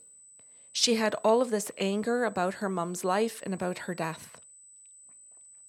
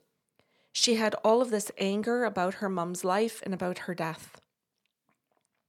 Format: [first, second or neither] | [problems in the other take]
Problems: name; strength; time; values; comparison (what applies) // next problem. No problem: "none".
second | high-pitched whine; faint; throughout; 8 kHz, 20 dB below the speech